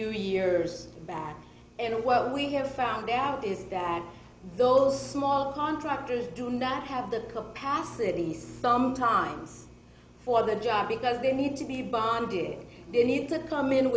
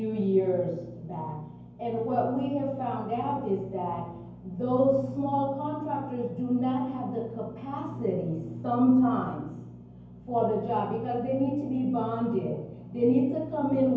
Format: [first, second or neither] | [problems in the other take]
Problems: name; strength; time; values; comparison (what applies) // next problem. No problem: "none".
first | room echo; dies away in 0.9 s